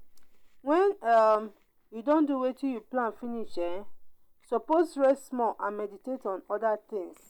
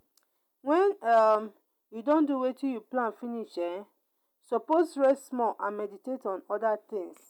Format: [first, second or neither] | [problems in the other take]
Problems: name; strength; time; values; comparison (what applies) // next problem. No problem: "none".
second | background sound (Chewing, mastication); 16 dB below the speech